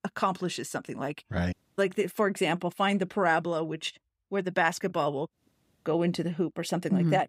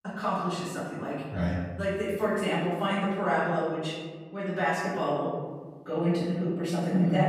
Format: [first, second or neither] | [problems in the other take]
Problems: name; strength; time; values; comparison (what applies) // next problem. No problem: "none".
first | off-mic speech; far // room echo; strong; dies away in 1.4 s